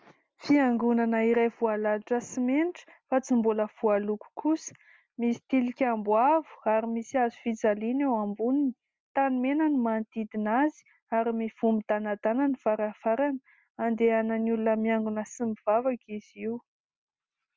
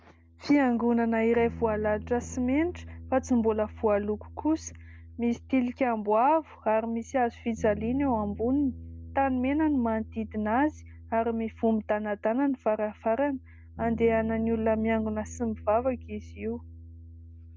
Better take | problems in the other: first | background sound (Bass guitar); 16 dB below the speech

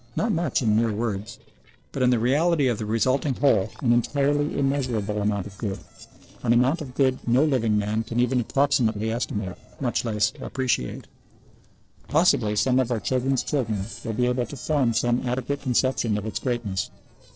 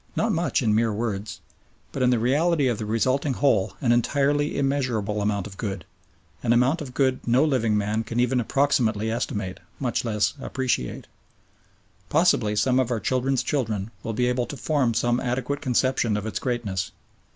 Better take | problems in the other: second | noise reduction (neural separator model SepFormer DNS4)

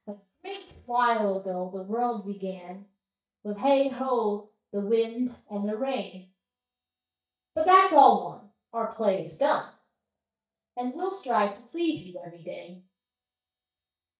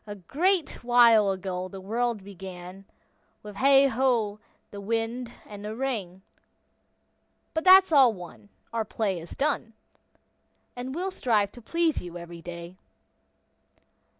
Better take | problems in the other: second | noise reduction (neural mask model DeepFilterNet 3)

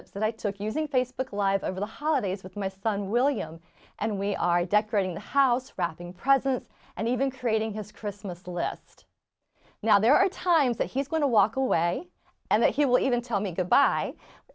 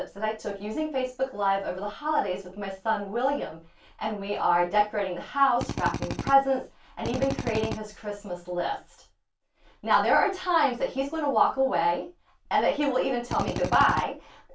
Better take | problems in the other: first | background sound (Drill); 5 dB below the speech // room echo; dies away in 0.2 s

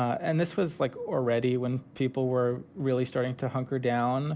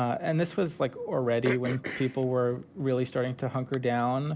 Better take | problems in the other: first | background sound (Cough); 12 dB below the speech

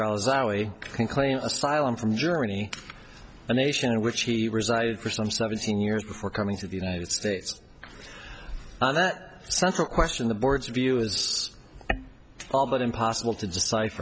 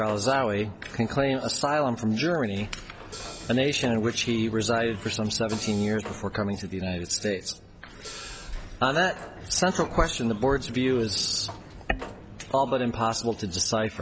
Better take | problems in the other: first | background sound (Hi-hat + Sliding door); 16 dB below the speech

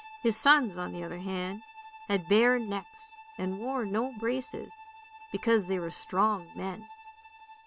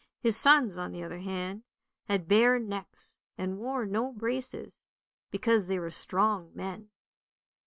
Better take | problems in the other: second | background sound (Bowed string instrument); 18 dB below the speech

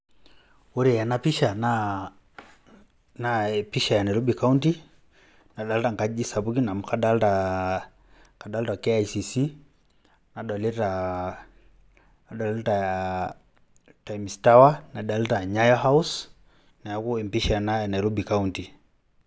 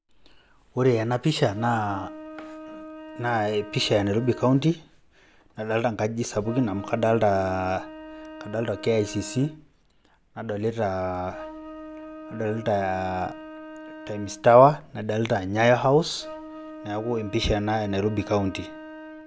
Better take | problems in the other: first | background sound (Wind instrument, woodwind instrument); 16 dB below the speech

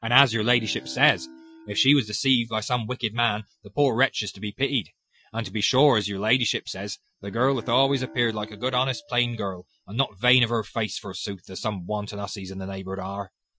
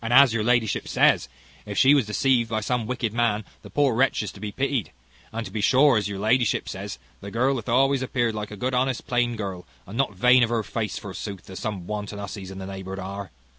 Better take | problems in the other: second | noise reduction (classical method Wiener filter)

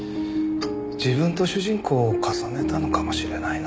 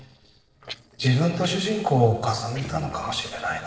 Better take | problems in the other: first | noise reduction (neural separator model SepFormer DNS4)

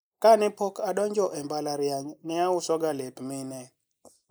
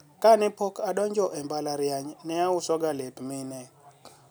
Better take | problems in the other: second | noise reduction (neural mask model Resemble Enhance denoiser)

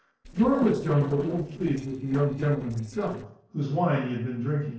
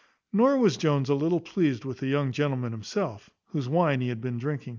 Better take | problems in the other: second | noise reduction (neural separator model SepFormer DNS4)

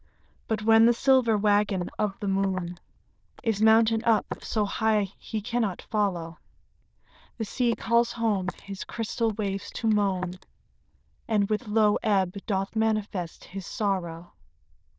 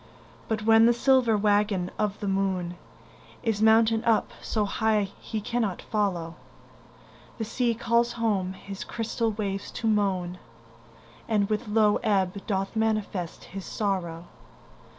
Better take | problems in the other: second | noise reduction (neural diffusion model UNIVERSE++)

